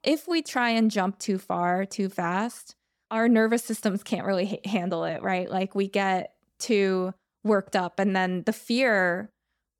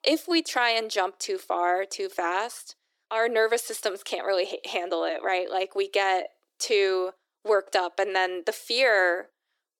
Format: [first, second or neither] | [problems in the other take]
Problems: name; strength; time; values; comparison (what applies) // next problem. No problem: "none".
first | thin; very; fading below 300 Hz